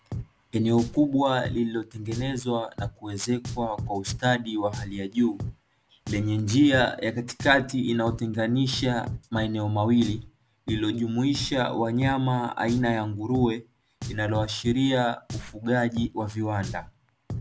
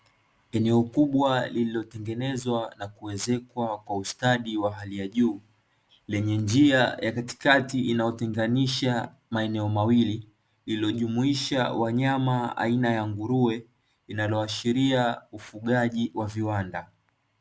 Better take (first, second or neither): second